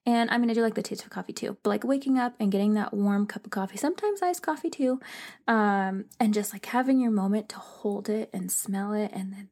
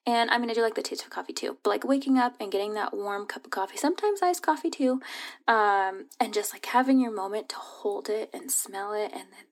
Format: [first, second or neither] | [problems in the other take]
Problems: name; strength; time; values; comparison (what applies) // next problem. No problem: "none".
first | thin; very slightly; fading below 250 Hz